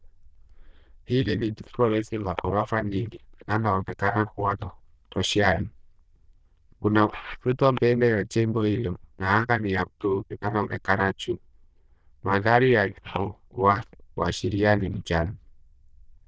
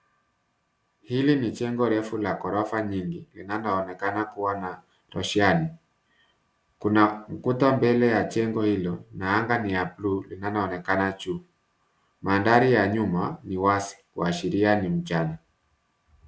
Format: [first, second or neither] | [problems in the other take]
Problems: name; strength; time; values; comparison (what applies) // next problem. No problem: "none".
second | noise reduction (neural diffusion model UNIVERSE++)